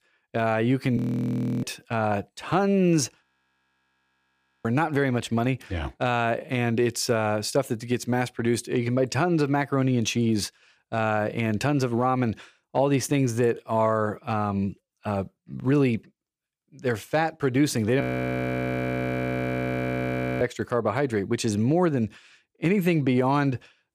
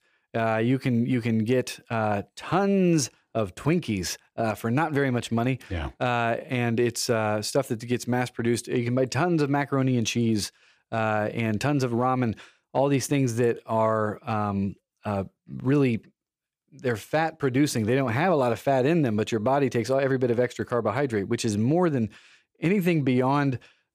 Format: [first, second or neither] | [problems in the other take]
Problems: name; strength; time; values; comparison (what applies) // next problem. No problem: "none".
second | audio freezing; at 1 s for 0.5 s, at 3 s for 1.5 s and at 18 s for 2.5 s